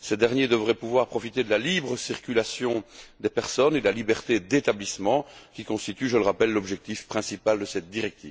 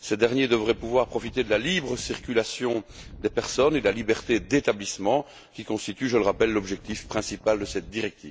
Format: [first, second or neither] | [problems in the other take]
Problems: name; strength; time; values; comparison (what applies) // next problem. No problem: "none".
first | background sound (Wind); 18 dB below the speech